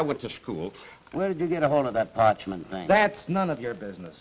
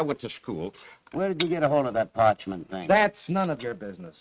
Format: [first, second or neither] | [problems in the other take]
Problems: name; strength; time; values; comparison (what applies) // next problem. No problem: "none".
first | noise reduction (neural mask model RNNoise)